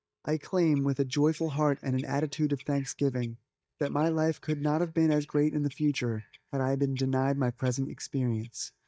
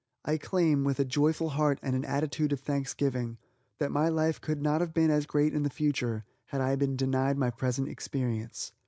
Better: second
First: noise reduction (neural mask model DeepFilterNet 3)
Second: none

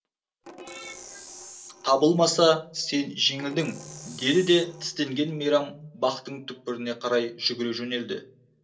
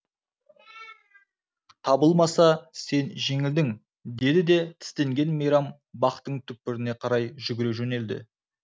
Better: second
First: background sound (Percussion); 19 dB below the speech // room echo; dies away in 0.2 s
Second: none

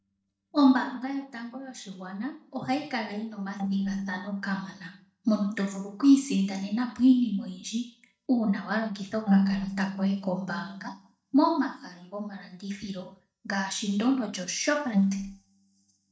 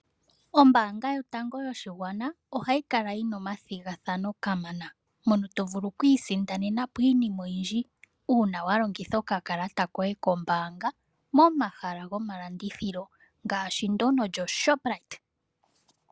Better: second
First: noise reduction (neural mask model DeepFilterNet 3)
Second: none

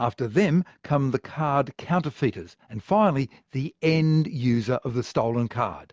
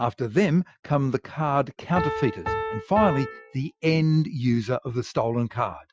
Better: first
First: none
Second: noise reduction (classical method Wiener filter)

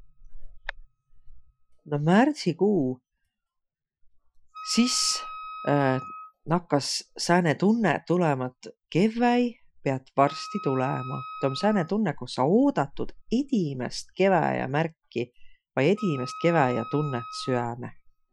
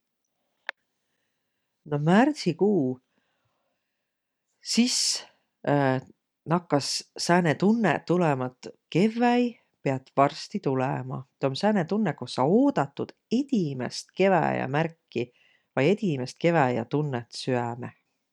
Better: second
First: noise reduction (classical method Wiener filter)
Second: none

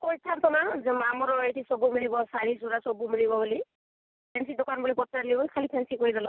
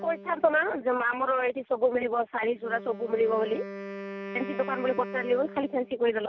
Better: first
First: none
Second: background sound (Wind instrument, woodwind instrument); 13 dB below the speech

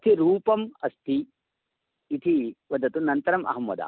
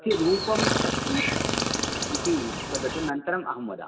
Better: first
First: none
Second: background sound (Chirp, tweet); 1 dB above the speech // room echo; dies away in 2 s

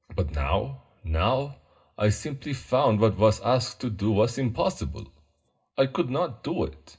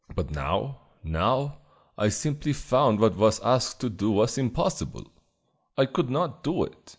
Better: second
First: room echo; dies away in 0.2 s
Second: none

